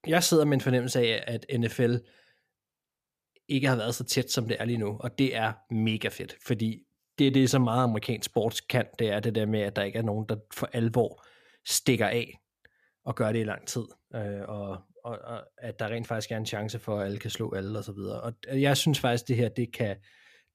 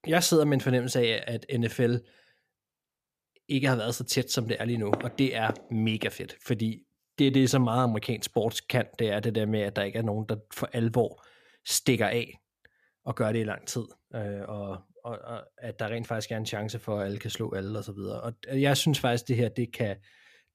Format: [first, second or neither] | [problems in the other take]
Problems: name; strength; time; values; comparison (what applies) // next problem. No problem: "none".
first | footsteps; noticeable; from 5 to 6 s; peak 4 dB below the speech